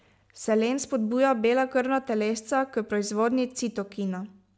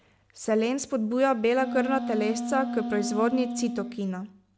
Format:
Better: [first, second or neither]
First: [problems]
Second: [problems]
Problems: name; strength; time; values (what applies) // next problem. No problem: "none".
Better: first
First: none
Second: background sound (Wind instrument, woodwind instrument); 6 dB below the speech